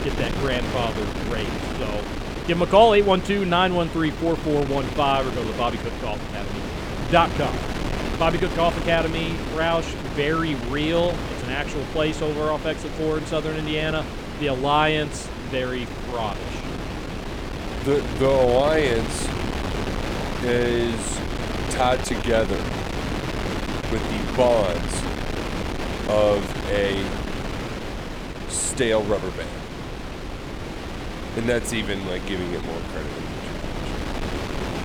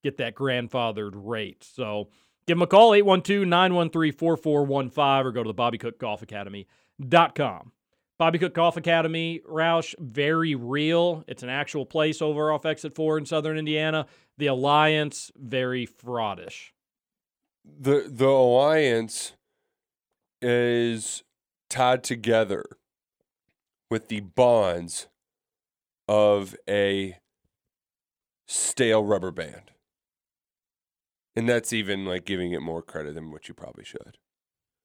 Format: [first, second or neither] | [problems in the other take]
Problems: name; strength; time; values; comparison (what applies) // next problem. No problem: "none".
second | wind noise on the microphone; heavy; 8 dB below the speech